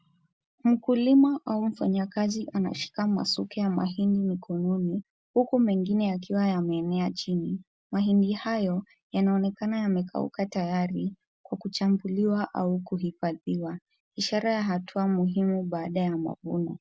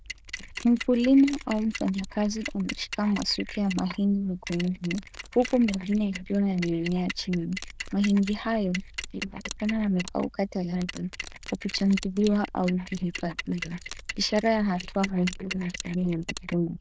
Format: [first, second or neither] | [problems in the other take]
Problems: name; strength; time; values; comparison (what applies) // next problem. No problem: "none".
first | noise reduction (neural diffusion model UNIVERSE++)